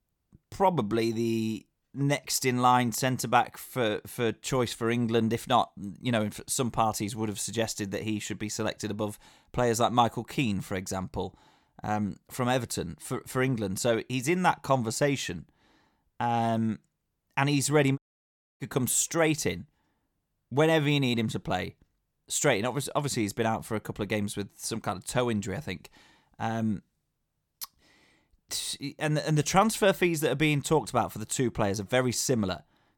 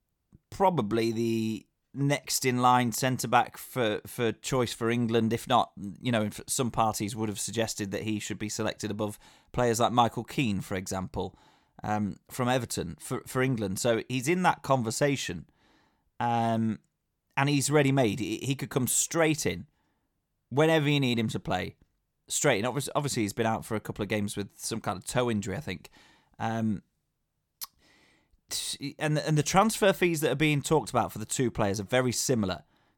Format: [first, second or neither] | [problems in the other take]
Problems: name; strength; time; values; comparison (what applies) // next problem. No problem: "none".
second | audio cutting out; at 18 s for 0.5 s